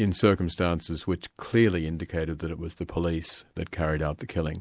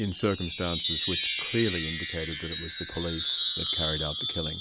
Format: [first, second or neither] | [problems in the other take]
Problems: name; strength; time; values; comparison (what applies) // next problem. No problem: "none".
first | background sound (Wind chime); as loud as the speech